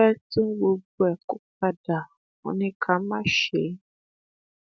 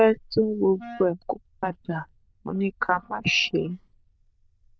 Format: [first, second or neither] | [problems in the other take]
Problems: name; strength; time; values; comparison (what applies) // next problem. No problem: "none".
first | noise reduction (neural diffusion model UNIVERSE++)